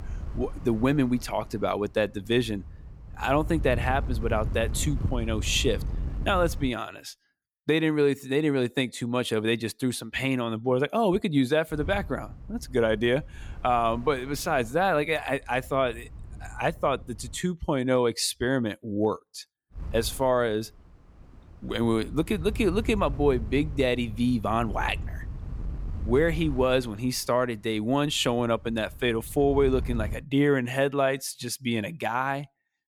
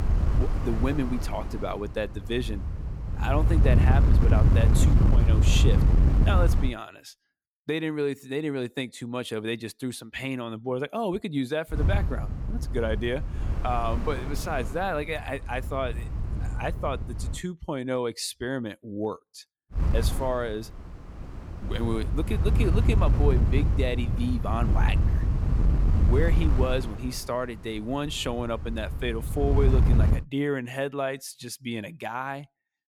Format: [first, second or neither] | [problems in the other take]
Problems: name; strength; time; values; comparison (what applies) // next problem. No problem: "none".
first | wind noise on the microphone; heavy; until 6.5 s, from 12 to 17 s and from 20 to 30 s; 7 dB below the speech; occasional gusts in the first